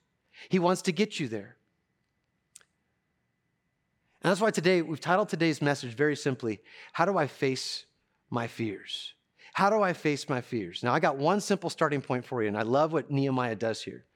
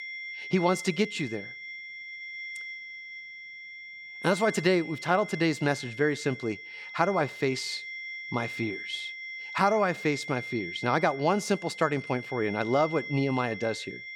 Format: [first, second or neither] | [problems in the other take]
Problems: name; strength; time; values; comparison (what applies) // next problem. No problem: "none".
first | high-pitched whine; loud; throughout; 2 kHz, 10 dB below the speech